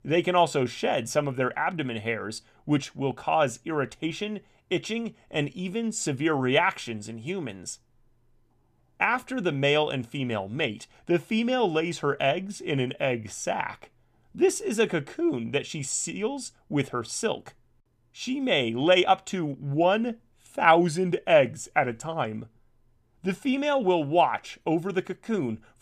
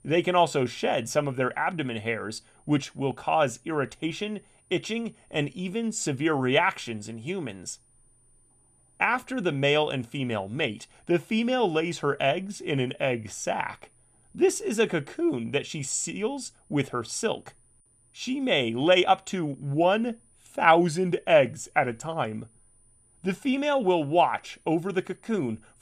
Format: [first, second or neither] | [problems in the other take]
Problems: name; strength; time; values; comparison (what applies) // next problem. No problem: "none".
first | high-pitched whine; faint; throughout; 9.5 kHz, 35 dB below the speech